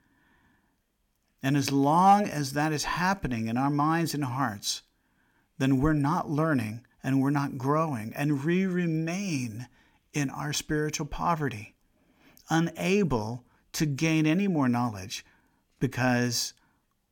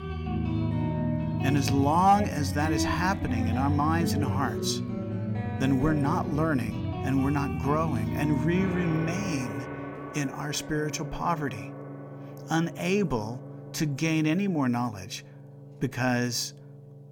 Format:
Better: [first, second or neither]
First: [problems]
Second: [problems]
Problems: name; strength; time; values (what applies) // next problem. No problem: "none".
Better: first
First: none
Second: background music; loud; throughout; 4 dB below the speech